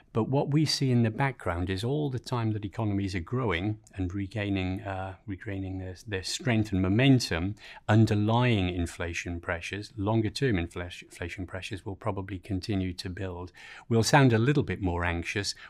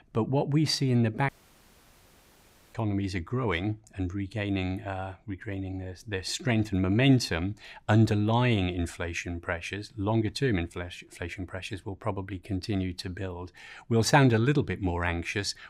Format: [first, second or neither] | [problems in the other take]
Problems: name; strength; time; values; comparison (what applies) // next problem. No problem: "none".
first | audio cutting out; at 1.5 s for 1.5 s